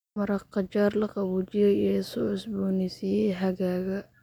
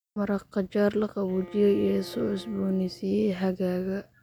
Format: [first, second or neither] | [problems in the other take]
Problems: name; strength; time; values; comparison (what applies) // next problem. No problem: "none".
first | background sound (Bowed string instrument); 19 dB below the speech